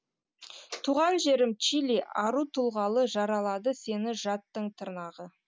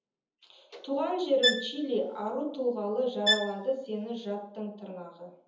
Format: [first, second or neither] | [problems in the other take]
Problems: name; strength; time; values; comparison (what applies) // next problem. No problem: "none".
first | background sound (Bowed string instrument); 1 dB above the speech // room echo; dies away in 0.7 s